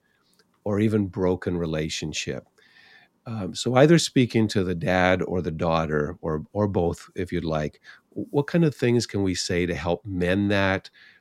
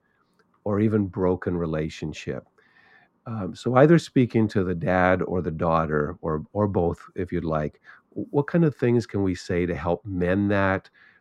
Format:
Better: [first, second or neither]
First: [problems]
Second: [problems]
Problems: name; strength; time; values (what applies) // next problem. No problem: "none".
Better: first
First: none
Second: muffled; slightly; fading above 2.5 kHz